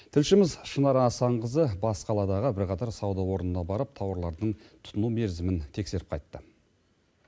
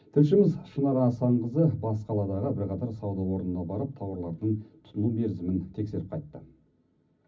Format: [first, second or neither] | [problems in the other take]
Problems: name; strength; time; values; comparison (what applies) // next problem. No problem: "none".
first | room echo; dies away in 0.4 s